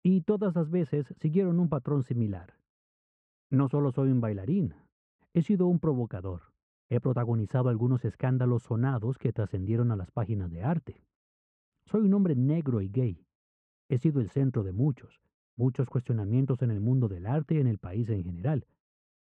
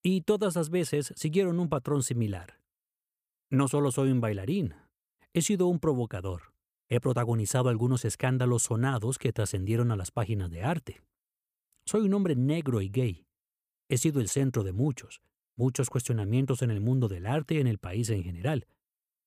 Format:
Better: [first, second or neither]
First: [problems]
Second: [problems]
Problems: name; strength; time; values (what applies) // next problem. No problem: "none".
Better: second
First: muffled; very; fading above 1.5 kHz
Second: none